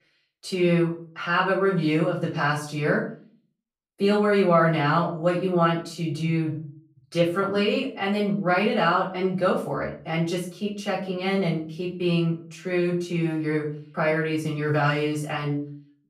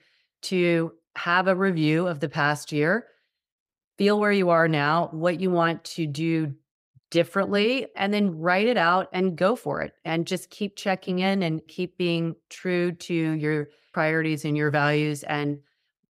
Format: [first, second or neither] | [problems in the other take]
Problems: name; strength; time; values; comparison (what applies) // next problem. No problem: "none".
second | off-mic speech; far // room echo; slight; dies away in 0.4 s